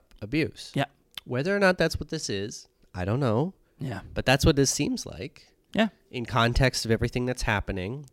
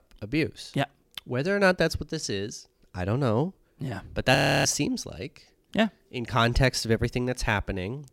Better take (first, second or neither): first